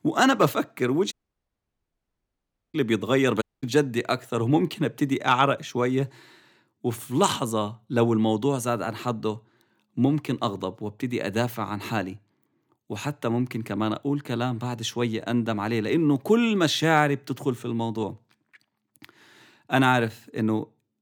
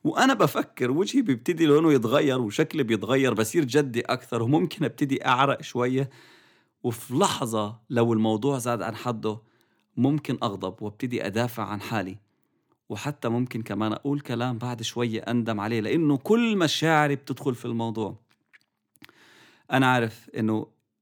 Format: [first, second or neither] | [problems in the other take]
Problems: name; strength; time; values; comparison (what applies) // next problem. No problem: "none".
second | audio cutting out; at 1 s for 1.5 s and at 3.5 s